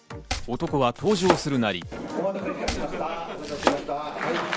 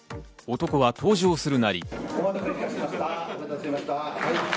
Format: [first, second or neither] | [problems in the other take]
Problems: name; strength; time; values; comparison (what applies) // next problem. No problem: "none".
second | background sound (Domestic sounds, home sounds); 4 dB below the speech